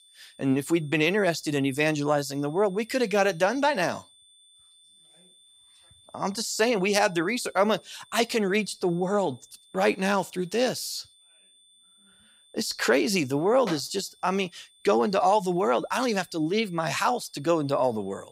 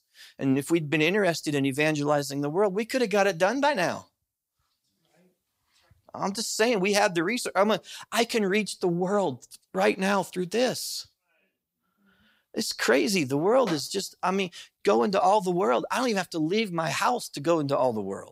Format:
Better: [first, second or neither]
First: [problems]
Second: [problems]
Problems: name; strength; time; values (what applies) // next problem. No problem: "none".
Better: second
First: high-pitched whine; faint; throughout; 3.5 kHz, 30 dB below the speech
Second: none